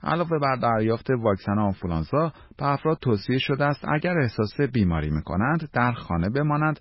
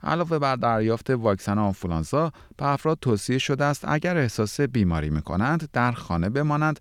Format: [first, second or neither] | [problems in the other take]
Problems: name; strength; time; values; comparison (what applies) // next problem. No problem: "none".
second | garbled, watery; badly; nothing above 5.5 kHz